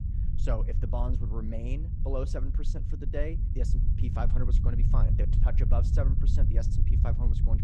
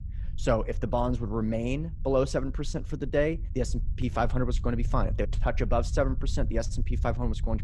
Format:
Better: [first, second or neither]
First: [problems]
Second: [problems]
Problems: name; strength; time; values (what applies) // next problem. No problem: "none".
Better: second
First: low rumble; loud; throughout; 5 dB below the speech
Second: low rumble; faint; throughout; 20 dB below the speech